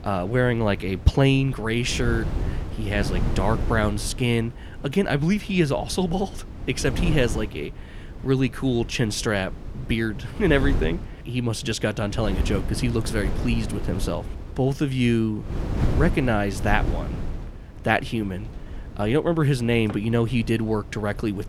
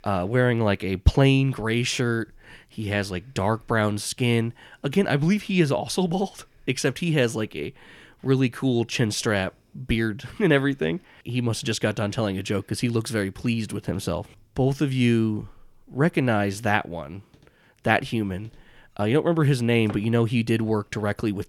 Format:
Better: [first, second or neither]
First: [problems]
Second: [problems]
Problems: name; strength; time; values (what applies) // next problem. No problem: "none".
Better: second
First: wind noise on the microphone; occasional gusts; 15 dB below the speech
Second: none